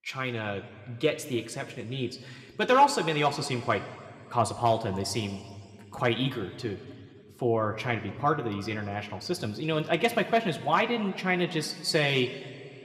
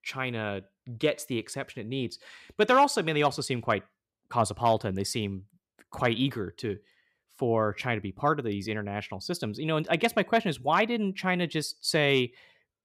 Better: second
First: room echo; very slight; dies away in 1.8 s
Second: none

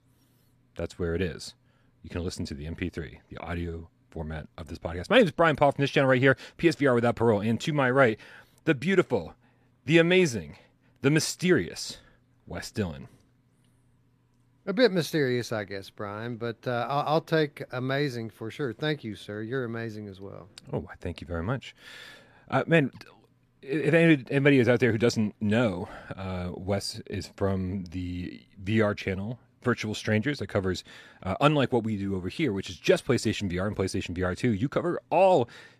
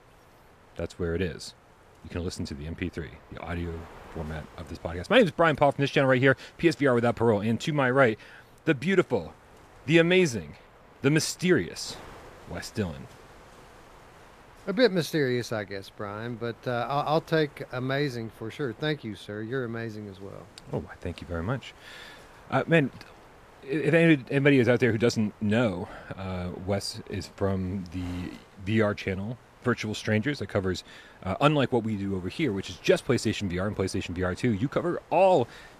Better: first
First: none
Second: wind noise on the microphone; occasional gusts; 25 dB below the speech

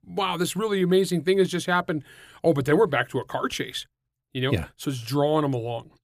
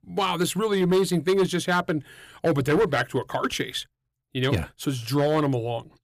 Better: first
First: none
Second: distortion; slight; 6% of the sound clipped

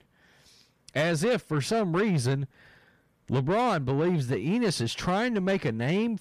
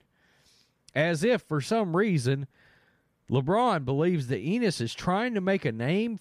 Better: second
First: distortion; slight; 10 dB below the speech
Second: none

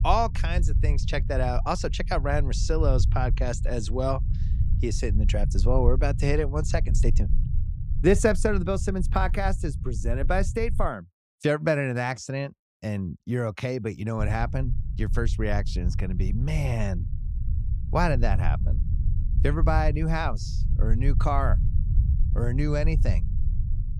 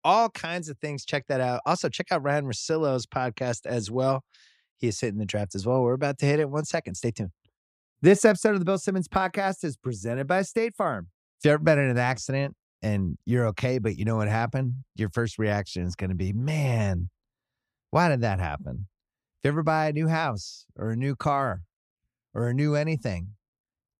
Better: second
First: low rumble; noticeable; until 11 s and from 14 s on; 15 dB below the speech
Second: none

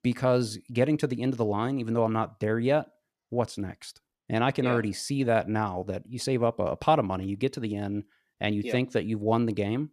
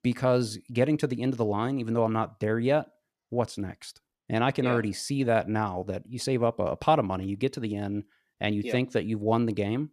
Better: neither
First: none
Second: none

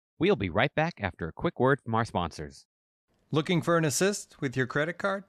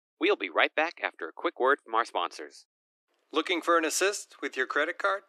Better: first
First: none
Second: thin; very; fading below 300 Hz

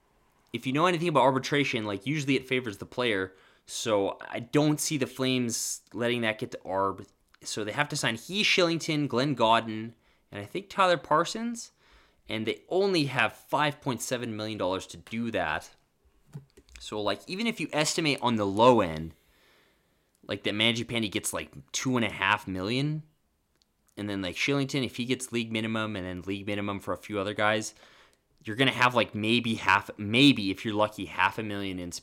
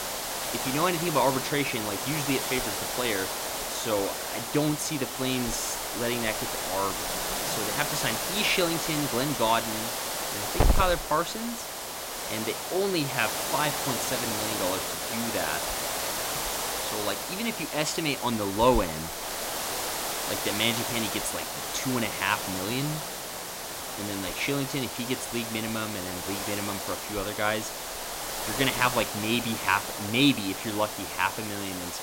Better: first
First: none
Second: hiss; loud; throughout; 1 dB below the speech

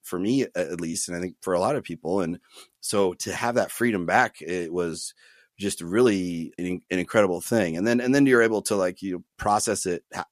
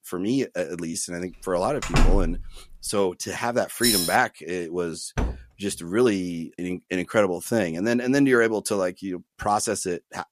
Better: first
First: none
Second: door banging; loud; at 2 s; peak 2 dB above the speech // jangling keys; loud; at 4 s; peak 4 dB above the speech // door banging; noticeable; at 5 s; peak 5 dB below the speech

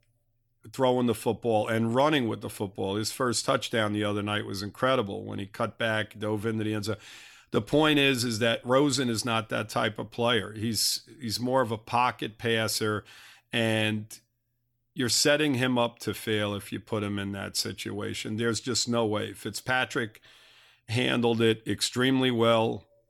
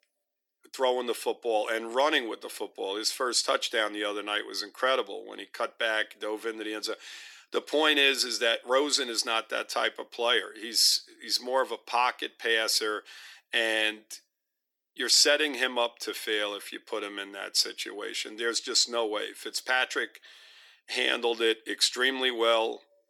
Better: first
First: none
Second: thin; somewhat; fading below 350 Hz

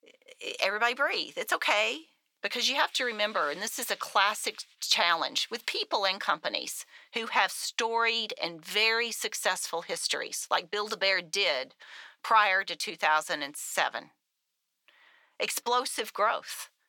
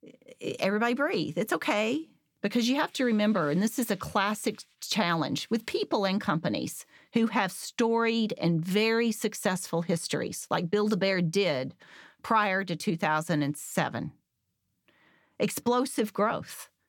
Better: second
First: thin; very; fading below 750 Hz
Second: none

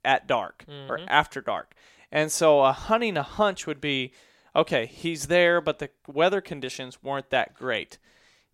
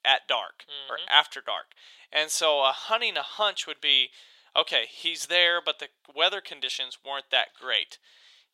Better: first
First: none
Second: thin; very; fading below 700 Hz

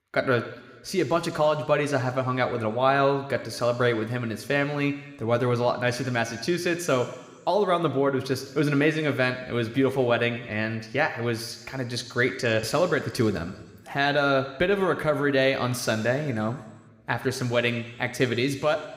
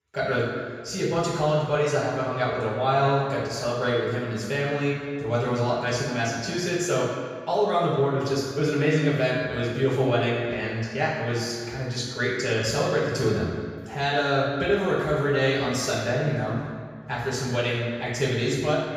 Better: first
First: room echo; slight; dies away in 1.3 s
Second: room echo; strong; dies away in 1.8 s // off-mic speech; far

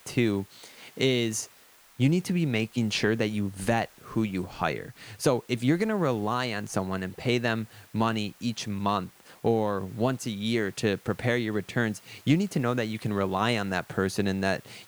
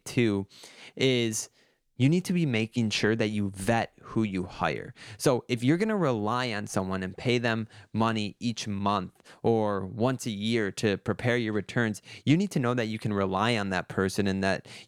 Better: second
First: hiss; faint; throughout; 25 dB below the speech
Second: none

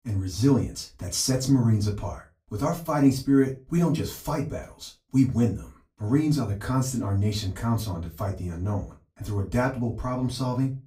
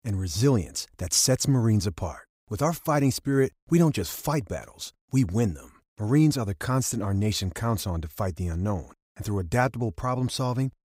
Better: second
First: off-mic speech; far // room echo; very slight; dies away in 0.2 s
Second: none

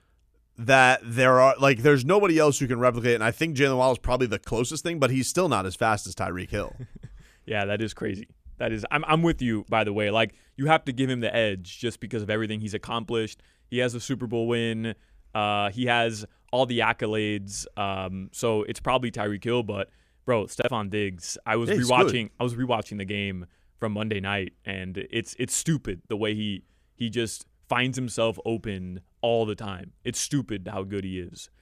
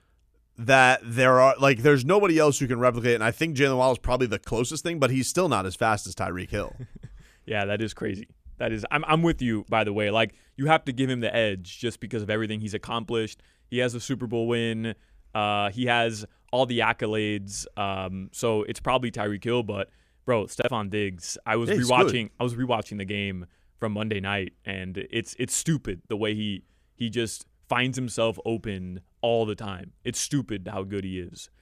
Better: neither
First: none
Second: none

